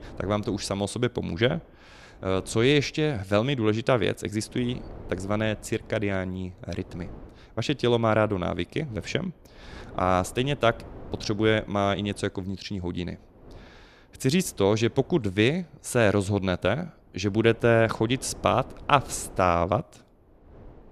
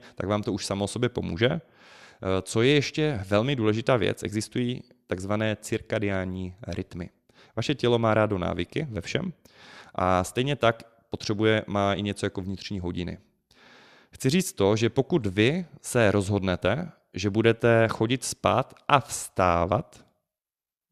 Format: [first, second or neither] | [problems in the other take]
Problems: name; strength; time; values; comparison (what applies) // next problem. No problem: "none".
second | wind noise on the microphone; occasional gusts; 25 dB below the speech